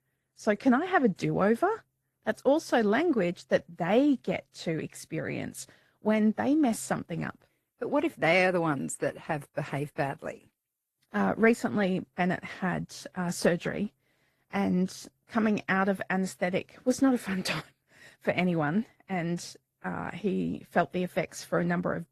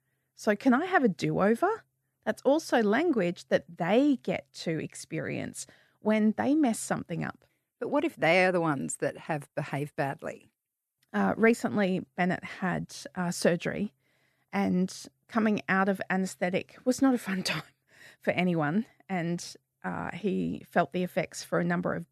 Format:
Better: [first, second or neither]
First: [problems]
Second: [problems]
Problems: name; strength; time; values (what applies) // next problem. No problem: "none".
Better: second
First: garbled, watery; slightly; nothing above 13.5 kHz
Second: none